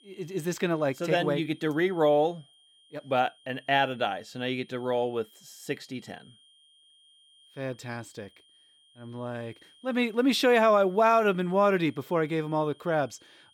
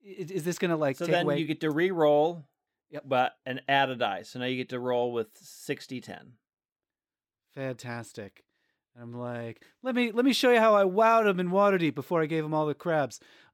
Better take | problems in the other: second | high-pitched whine; faint; throughout; 3 kHz, 30 dB below the speech

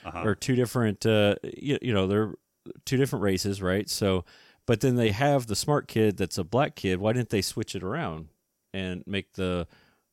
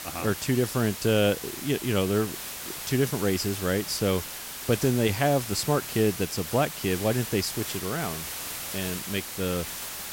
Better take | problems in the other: first | hiss; loud; throughout; 7 dB below the speech

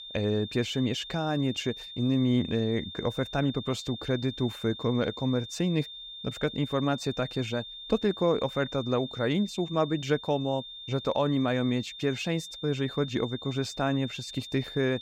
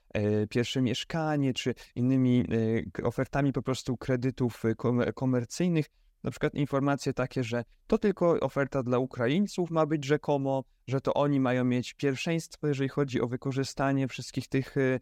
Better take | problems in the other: second | high-pitched whine; noticeable; throughout; 3.5 kHz, 10 dB below the speech

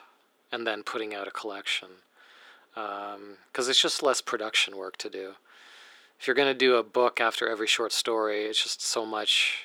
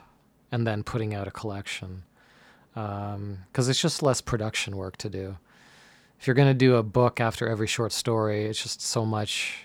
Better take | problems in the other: second | thin; very; fading below 350 Hz

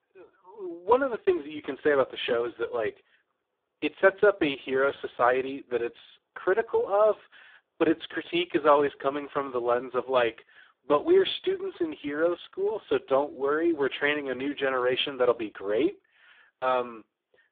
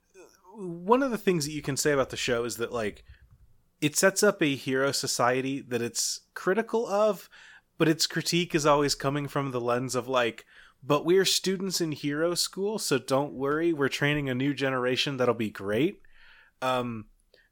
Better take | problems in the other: second | phone-call audio; poor line; nothing above 3.5 kHz

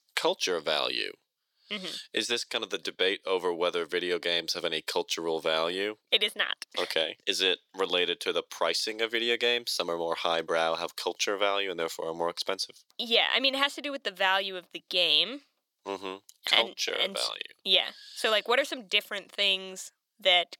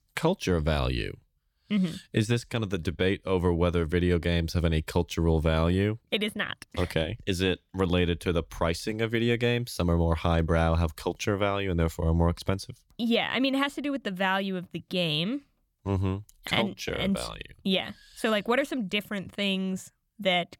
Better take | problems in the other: second | thin; very; fading below 400 Hz

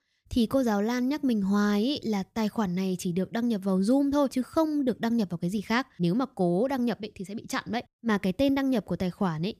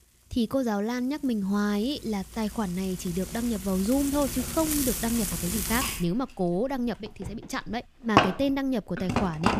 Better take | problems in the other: first | household noises; loud; throughout; 1 dB below the speech

